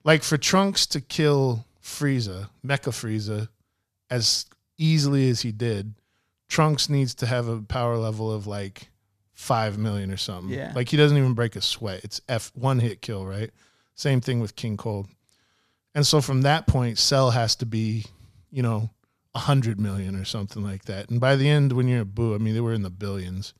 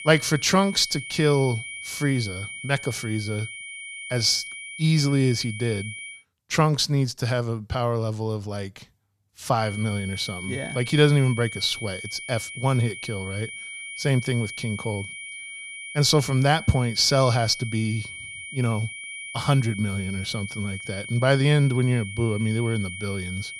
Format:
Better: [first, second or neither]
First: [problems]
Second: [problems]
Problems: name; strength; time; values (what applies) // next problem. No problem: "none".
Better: first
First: none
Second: high-pitched whine; noticeable; until 6 s and from 9.5 s on; 2.5 kHz, 10 dB below the speech